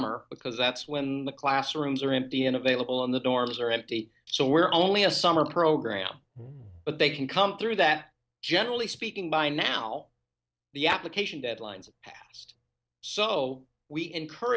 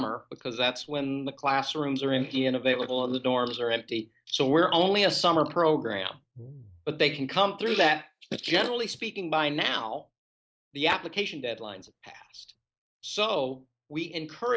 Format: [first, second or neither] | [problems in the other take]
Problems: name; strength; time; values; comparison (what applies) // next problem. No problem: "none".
first | noise reduction (neural mask model Resemble Enhance denoiser)